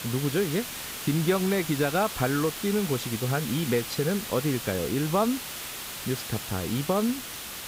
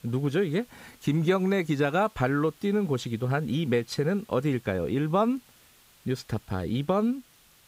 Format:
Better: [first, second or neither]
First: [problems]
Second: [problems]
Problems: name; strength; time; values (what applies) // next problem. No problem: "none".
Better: second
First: hiss; loud; throughout; 6 dB below the speech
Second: hiss; faint; throughout; 30 dB below the speech